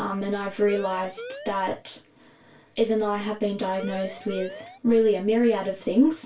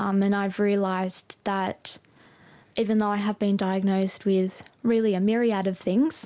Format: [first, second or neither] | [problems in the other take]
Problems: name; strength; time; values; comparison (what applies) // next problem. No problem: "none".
second | background sound (Siren); 13 dB below the speech // room echo; dies away in 0.2 s